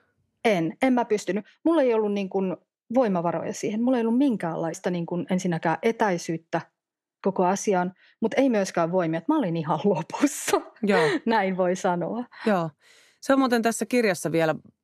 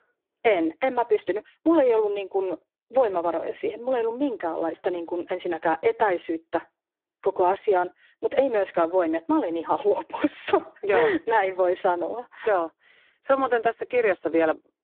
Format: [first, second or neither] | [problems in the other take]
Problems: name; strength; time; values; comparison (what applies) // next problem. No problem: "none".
first | phone-call audio; poor line